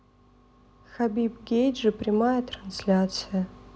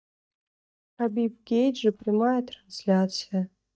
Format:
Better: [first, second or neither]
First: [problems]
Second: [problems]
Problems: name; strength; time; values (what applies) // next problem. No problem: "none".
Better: first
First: none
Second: noise reduction (neural mask model DeepFilterNet 3)